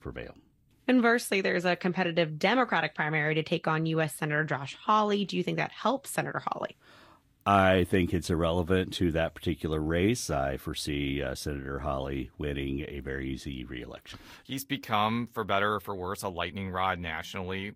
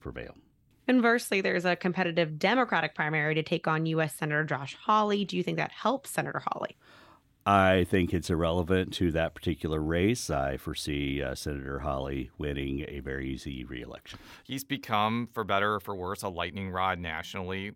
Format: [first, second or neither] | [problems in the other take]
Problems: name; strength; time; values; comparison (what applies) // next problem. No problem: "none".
second | garbled, watery; slightly; nothing above 15 kHz